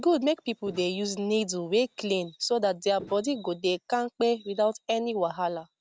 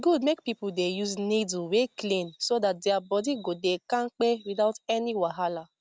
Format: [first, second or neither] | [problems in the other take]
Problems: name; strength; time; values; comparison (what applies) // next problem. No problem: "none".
second | background sound (Walk, footsteps); 18 dB below the speech